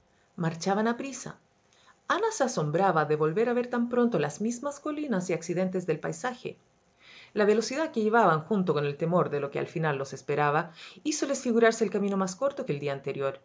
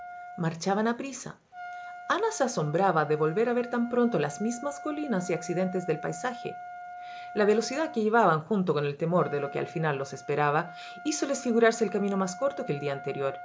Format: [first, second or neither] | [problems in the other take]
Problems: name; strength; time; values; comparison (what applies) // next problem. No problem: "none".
first | background sound (Trumpet); 15 dB below the speech